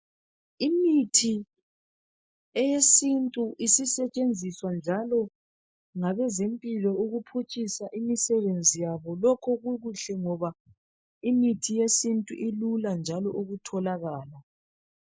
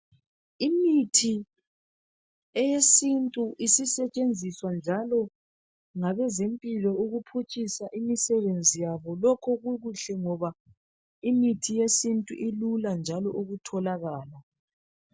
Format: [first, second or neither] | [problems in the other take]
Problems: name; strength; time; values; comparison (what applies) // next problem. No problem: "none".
second | noise reduction (neural mask model Resemble Enhance denoiser)